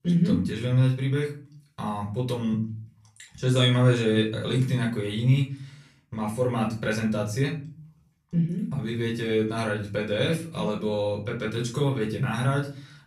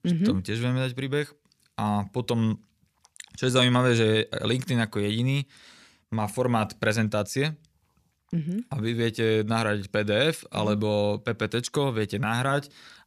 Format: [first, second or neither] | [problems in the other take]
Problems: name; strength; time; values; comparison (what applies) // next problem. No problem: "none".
second | off-mic speech; far // room echo; slight; dies away in 0.5 s